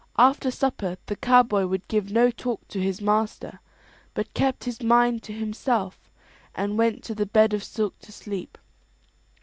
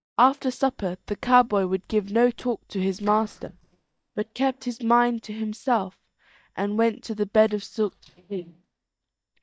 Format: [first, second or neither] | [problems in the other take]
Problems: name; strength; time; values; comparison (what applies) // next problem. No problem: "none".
first | noise reduction (neural mask model DeepFilterNet 3)